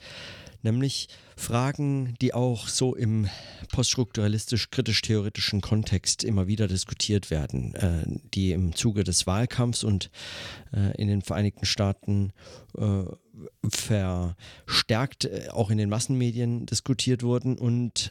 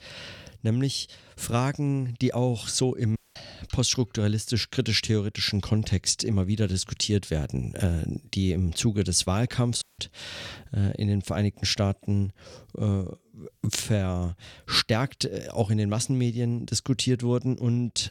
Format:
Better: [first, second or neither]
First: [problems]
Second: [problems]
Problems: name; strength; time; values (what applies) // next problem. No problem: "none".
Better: first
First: none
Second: audio cutting out; at 3 s and at 10 s